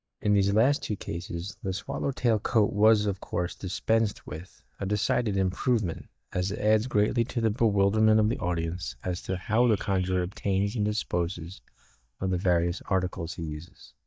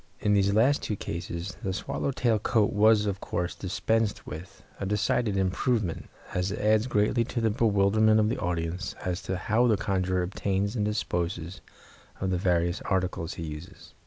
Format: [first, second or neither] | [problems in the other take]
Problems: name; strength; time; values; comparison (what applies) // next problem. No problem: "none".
second | noise reduction (neural mask model DeepFilterNet 3)